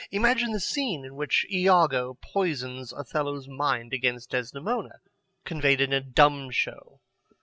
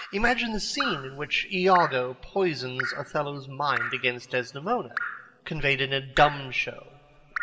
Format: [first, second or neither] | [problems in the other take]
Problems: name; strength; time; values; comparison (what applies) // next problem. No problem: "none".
first | background sound (Drip); 10 dB below the speech // room echo; dies away in 2.3 s